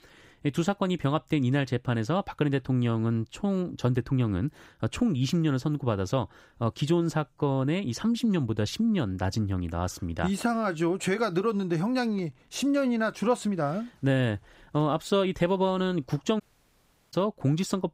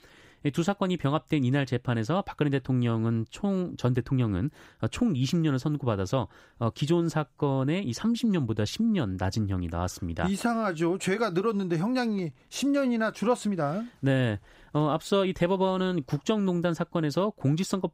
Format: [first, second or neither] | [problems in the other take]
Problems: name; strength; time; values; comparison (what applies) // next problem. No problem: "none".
second | audio cutting out; at 16 s for 0.5 s